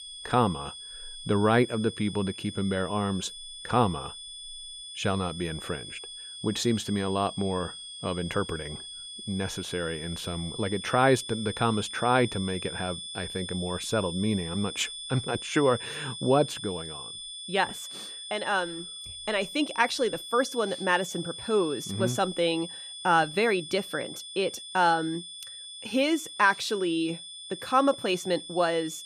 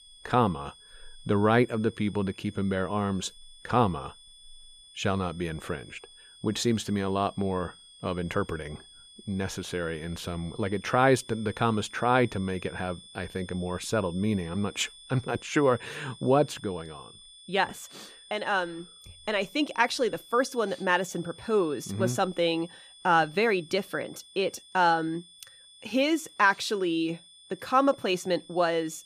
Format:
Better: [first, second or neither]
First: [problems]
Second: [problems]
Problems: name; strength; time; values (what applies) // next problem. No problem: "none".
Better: second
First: high-pitched whine; loud; throughout; 3.5 kHz, 10 dB below the speech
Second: high-pitched whine; faint; throughout; 3.5 kHz, 20 dB below the speech